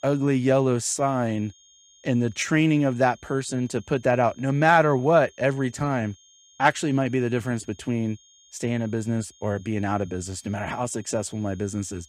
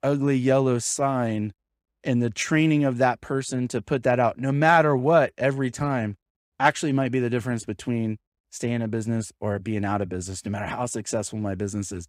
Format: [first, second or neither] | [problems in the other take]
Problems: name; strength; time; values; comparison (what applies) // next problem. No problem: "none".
second | high-pitched whine; faint; throughout; 6.5 kHz, 30 dB below the speech